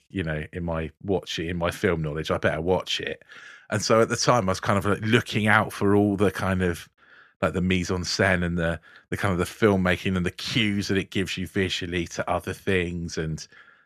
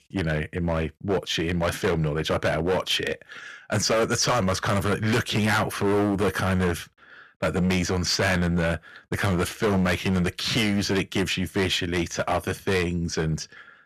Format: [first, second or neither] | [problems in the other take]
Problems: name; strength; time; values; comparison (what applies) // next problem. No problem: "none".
first | distortion; heavy; 12% of the sound clipped